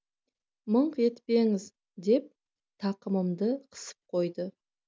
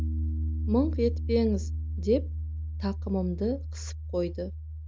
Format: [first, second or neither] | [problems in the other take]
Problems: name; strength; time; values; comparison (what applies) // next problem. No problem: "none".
first | background sound (Piano); 1 dB below the speech